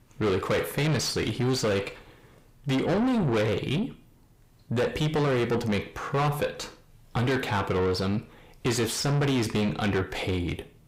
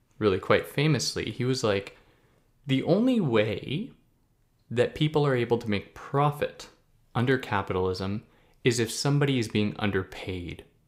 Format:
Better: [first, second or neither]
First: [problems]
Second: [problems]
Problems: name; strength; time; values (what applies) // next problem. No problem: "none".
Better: second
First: distortion; heavy; 5 dB below the speech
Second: none